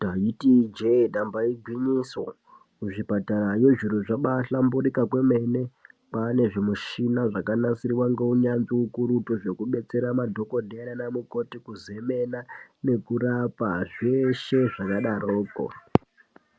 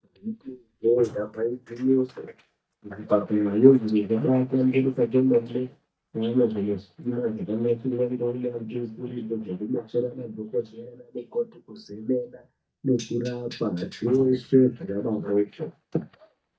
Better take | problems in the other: first | noise reduction (neural mask model DeepFilterNet 3)

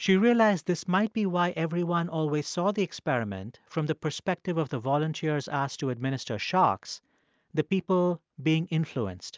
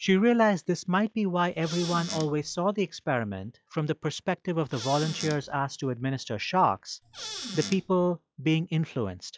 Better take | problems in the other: first | noise reduction (classical method log-MMSE)

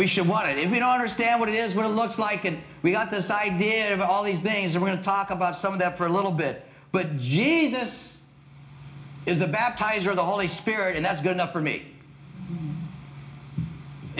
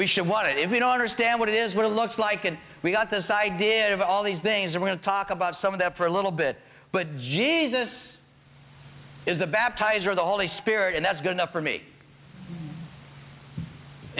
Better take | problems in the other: second | room echo; dies away in 0.4 s

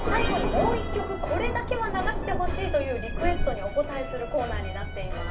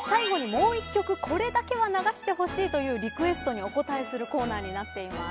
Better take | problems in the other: second | background sound (Thunder); 1 dB below the speech // room echo; dies away in 0.2 s

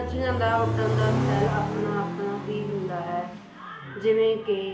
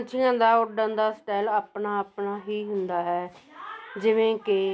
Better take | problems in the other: second | background sound (Accelerating, revving, vroom); 2 dB below the speech // room echo; dies away in 1.2 s

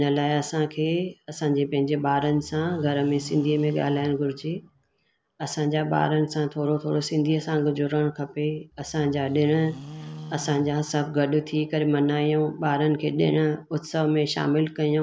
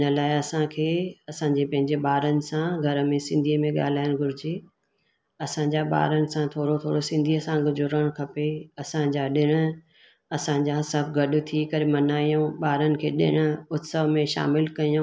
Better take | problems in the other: second | background sound (Livestock, farm animals, working animals); 17 dB below the speech

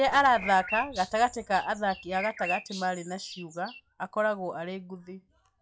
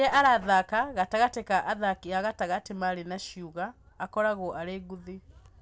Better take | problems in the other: second | noise reduction (classical method log-MMSE)

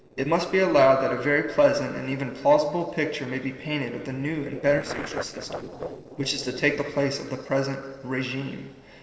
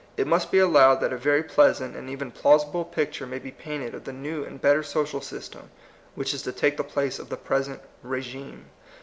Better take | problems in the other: second | noise reduction (neural separator model SepFormer DNS4)

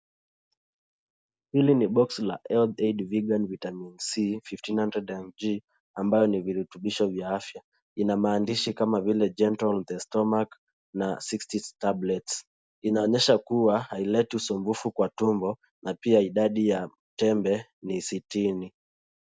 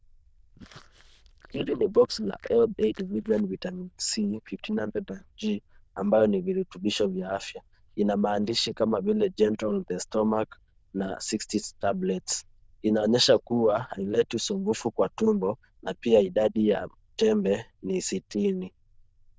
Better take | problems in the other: first | noise reduction (neural diffusion model UNIVERSE++)

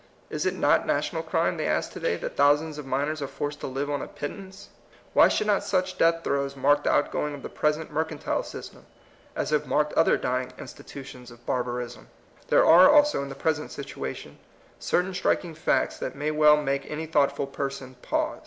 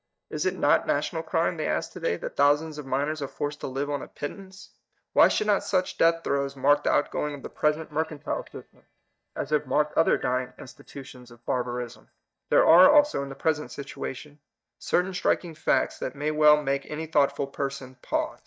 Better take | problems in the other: first | noise reduction (neural mask model DeepFilterNet 3)

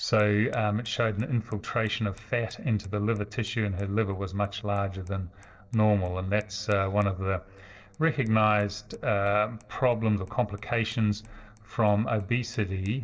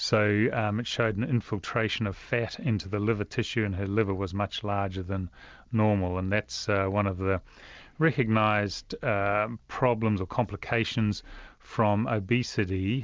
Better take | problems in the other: second | noise reduction (neural separator model SepFormer DNS4)

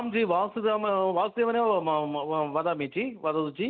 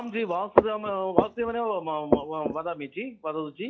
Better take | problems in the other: first | noise reduction (classical method log-MMSE)

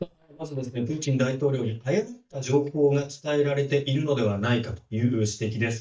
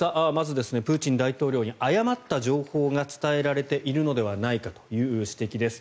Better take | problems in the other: second | noise reduction (neural mask model DeepFilterNet 3)

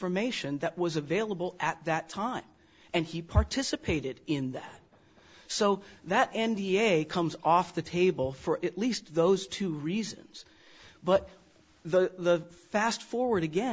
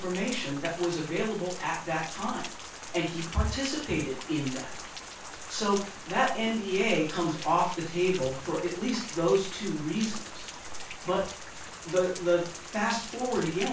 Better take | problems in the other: first | background sound (Rain); 12 dB below the speech // room echo; dies away in 0.3 s

